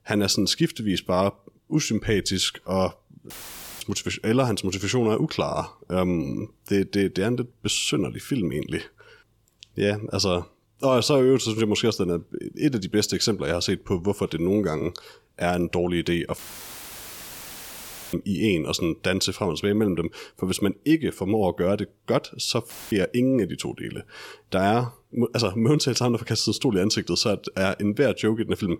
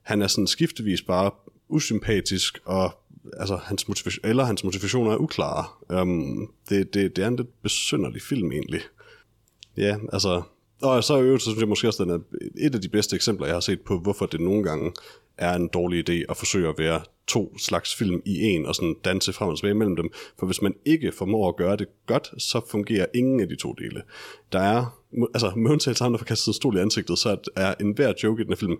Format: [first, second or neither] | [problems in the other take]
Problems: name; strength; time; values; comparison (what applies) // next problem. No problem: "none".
second | audio cutting out; filled with static; at 3.5 s for 0.5 s, at 16 s for 2 s and at 23 s